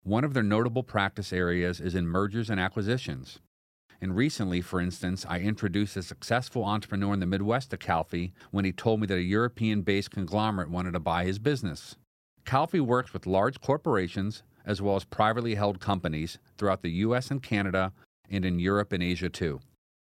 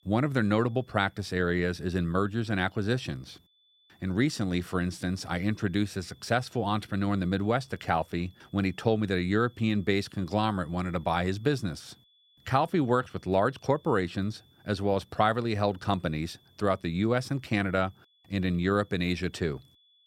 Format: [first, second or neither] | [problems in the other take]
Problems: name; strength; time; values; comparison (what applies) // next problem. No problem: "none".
first | high-pitched whine; faint; throughout; 3.5 kHz, 35 dB below the speech